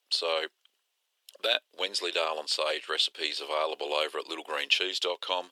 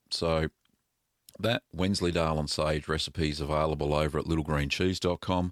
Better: second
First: thin; very; fading below 400 Hz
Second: none

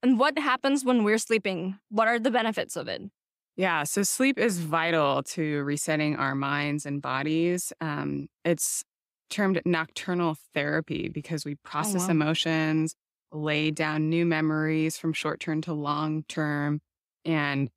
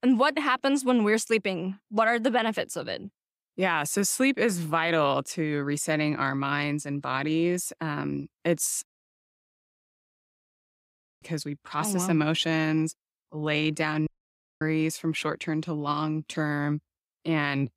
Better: first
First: none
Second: audio cutting out; at 9 s for 2.5 s and at 14 s for 0.5 s

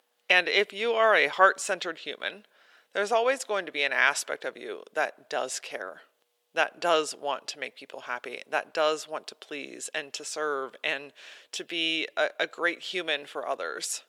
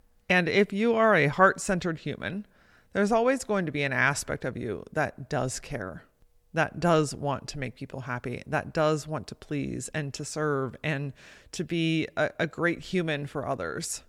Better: second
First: thin; very; fading below 450 Hz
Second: none

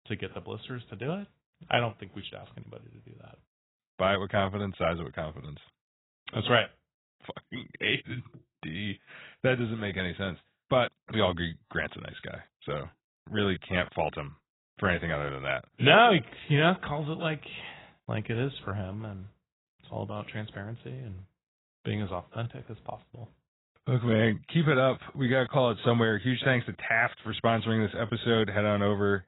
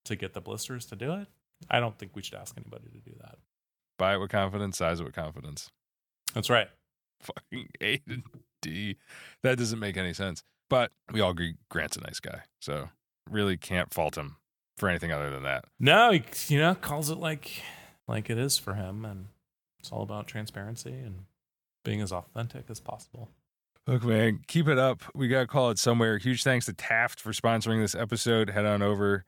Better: second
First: garbled, watery; badly; nothing above 3.5 kHz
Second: none

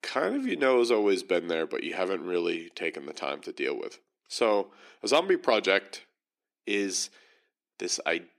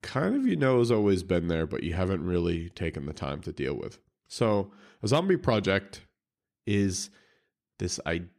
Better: second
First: thin; somewhat; fading below 300 Hz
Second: none

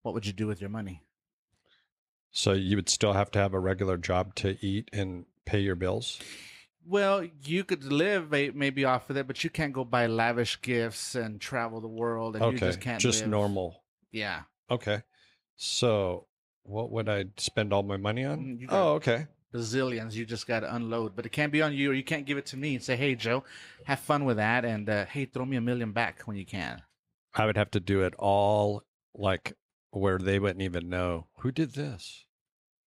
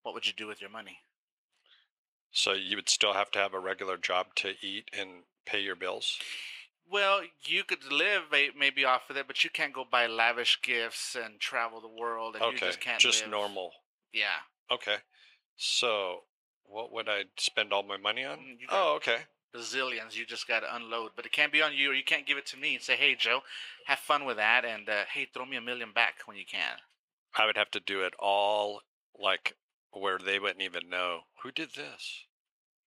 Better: first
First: none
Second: thin; very; fading below 550 Hz

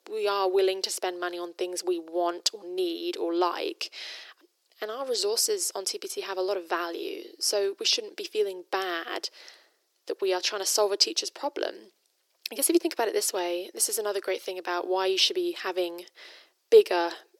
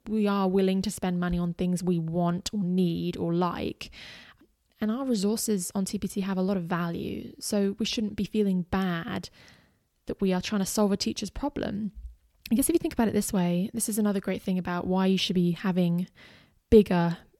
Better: second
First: thin; very; fading below 350 Hz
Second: none

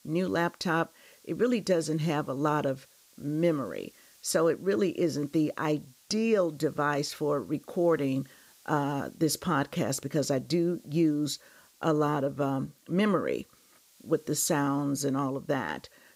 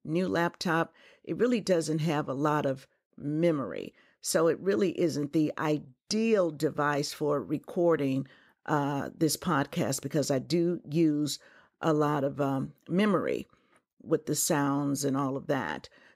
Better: second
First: hiss; faint; throughout; 30 dB below the speech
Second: none

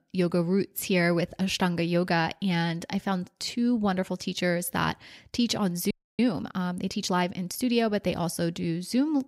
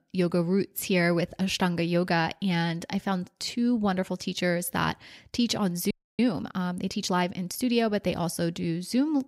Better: neither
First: audio freezing; at 6 s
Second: audio freezing; at 6 s

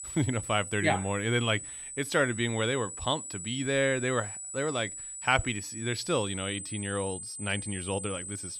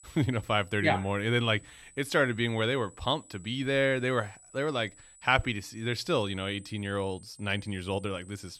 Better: second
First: high-pitched whine; loud; throughout; 8 kHz, 7 dB below the speech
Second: high-pitched whine; faint; throughout; 8 kHz, 25 dB below the speech

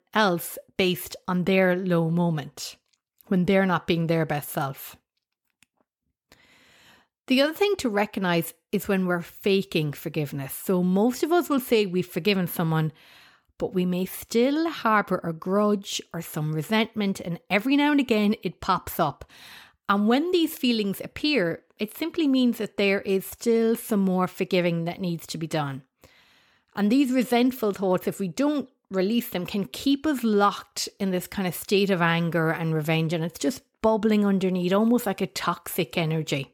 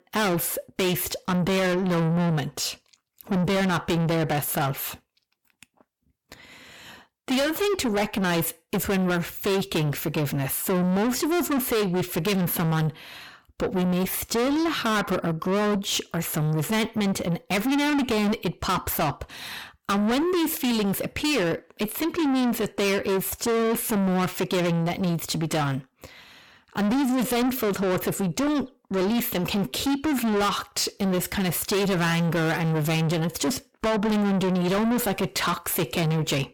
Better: first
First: none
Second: distortion; heavy; 6 dB below the speech

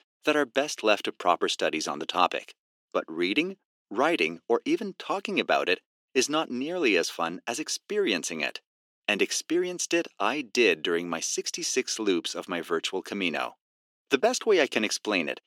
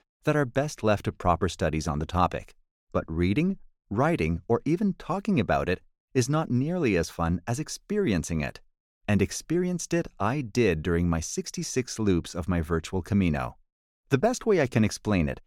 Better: second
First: thin; somewhat; fading below 300 Hz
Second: none

